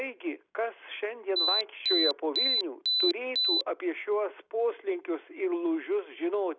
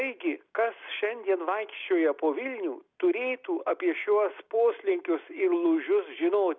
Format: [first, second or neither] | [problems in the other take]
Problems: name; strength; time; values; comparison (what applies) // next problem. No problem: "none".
second | background sound (Alarm); 3 dB above the speech